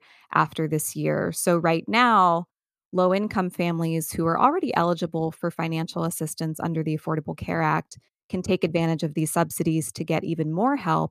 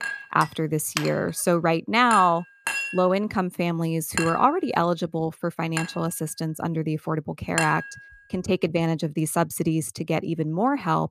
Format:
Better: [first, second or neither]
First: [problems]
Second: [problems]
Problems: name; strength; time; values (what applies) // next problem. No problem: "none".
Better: first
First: none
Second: clattering dishes; noticeable; until 8 s; peak 2 dB below the speech